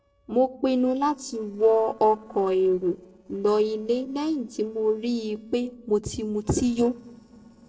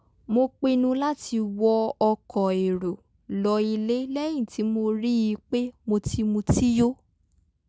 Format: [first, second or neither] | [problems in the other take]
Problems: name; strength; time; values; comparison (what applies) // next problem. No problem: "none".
second | noise reduction (neural separator model SepFormer DNS4)